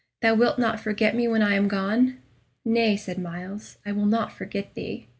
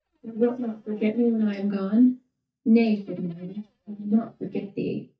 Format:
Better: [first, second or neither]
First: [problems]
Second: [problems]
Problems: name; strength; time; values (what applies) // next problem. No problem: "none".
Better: first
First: none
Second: noise reduction (neural mask model DeepFilterNet 3)